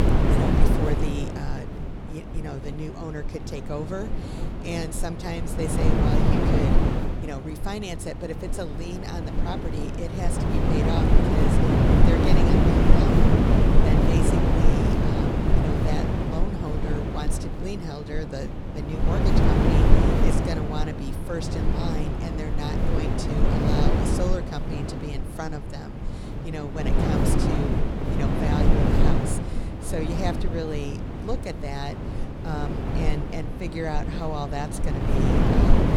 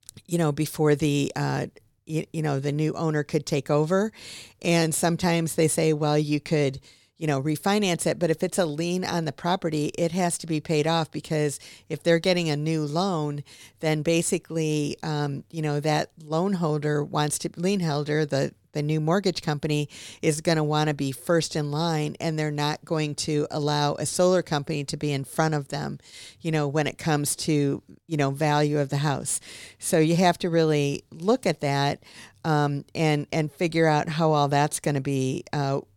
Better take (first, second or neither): second